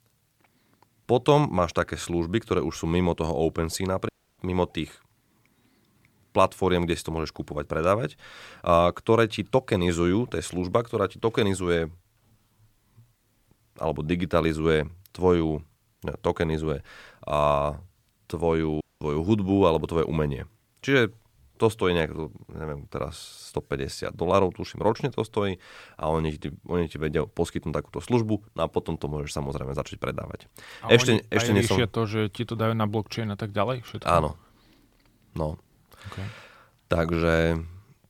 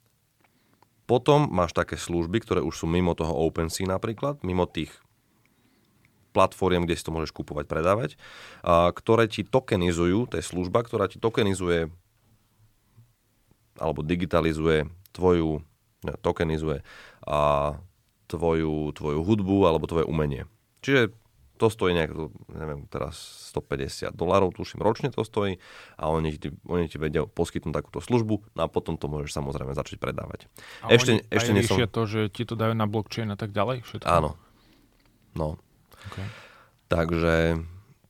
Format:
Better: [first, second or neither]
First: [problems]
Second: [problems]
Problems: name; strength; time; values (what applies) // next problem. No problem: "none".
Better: second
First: audio cutting out; at 4 s and at 19 s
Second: none